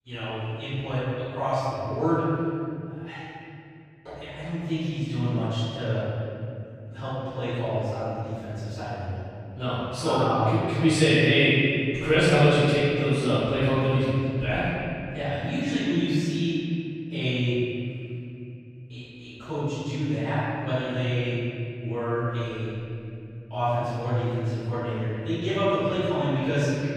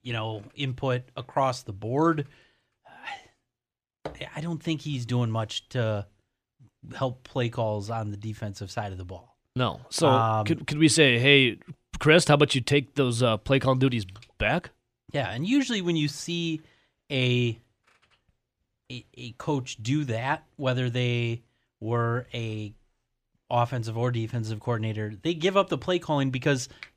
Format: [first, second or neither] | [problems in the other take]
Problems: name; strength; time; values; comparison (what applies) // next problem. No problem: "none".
second | off-mic speech; far // room echo; strong; dies away in 2.8 s